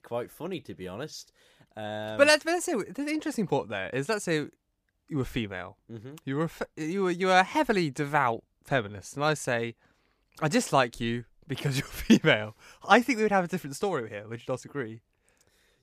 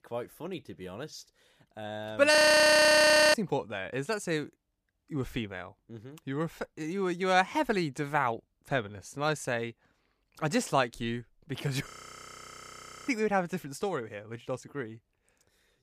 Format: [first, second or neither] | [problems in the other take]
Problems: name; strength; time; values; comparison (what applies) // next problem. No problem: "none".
first | audio freezing; at 2.5 s for 1 s and at 12 s for 1 s